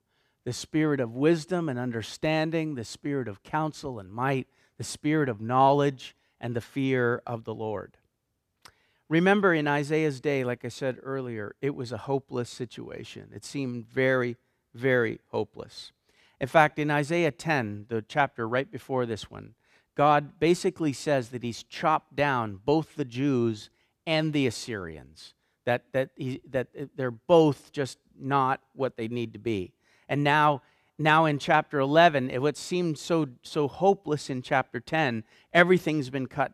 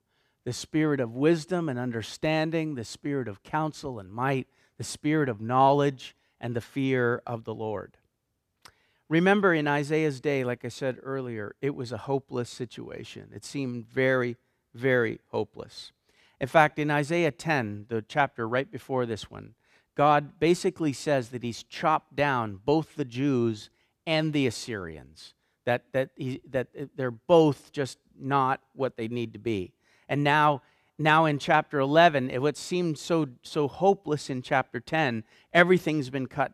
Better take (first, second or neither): neither